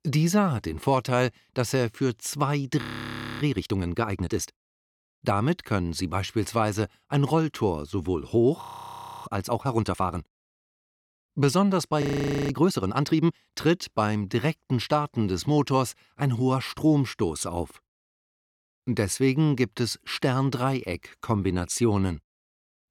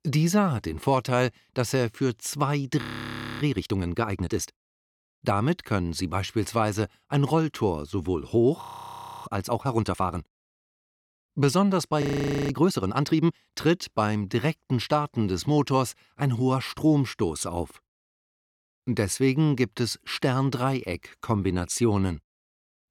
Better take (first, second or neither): neither